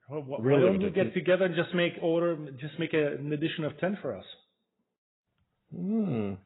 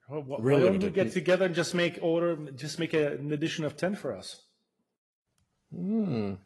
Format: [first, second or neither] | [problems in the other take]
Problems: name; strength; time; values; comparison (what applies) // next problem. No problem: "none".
second | garbled, watery; badly; nothing above 4 kHz; slightly in the second